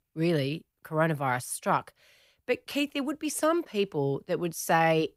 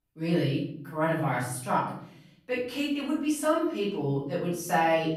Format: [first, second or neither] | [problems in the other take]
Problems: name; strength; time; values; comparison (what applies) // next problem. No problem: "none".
first | off-mic speech; far // room echo; noticeable; dies away in 0.7 s